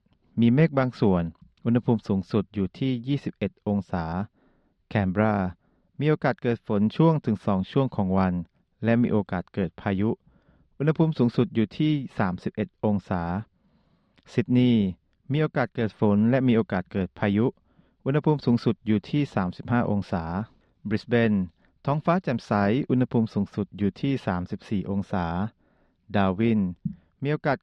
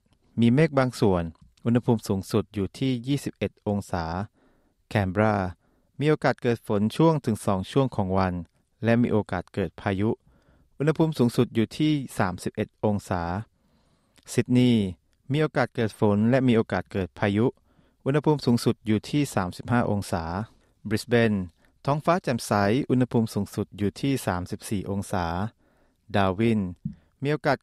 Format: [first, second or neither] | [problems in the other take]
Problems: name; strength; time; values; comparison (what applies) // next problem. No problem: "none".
second | muffled; very slightly; fading above 4 kHz